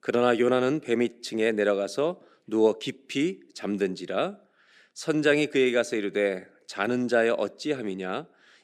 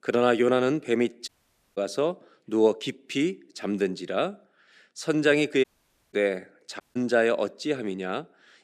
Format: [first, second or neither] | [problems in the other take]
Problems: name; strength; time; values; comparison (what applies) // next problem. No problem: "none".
first | audio cutting out; at 1.5 s, at 5.5 s and at 7 s